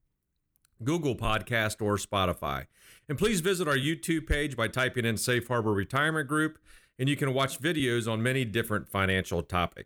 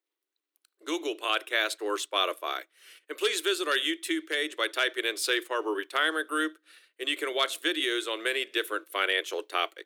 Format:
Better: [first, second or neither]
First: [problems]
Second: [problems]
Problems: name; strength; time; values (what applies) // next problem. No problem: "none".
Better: first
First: none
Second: thin; very; fading below 300 Hz